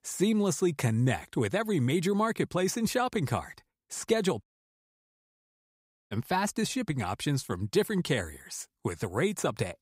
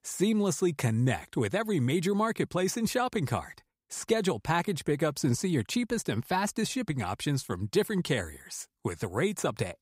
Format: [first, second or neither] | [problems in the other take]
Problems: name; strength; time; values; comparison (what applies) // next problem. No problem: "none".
second | audio cutting out; at 4.5 s for 1.5 s